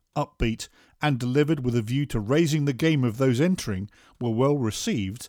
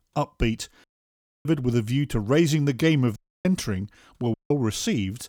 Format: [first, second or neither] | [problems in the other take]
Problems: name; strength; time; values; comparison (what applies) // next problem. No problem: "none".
first | audio cutting out; at 1 s for 0.5 s, at 3 s and at 4.5 s